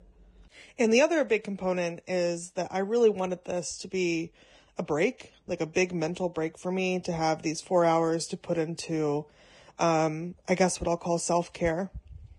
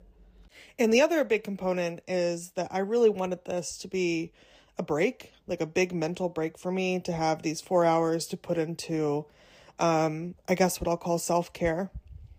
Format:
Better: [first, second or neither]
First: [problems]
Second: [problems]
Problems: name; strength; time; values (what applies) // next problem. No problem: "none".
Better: second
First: garbled, watery; badly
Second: garbled, watery; slightly; nothing above 15.5 kHz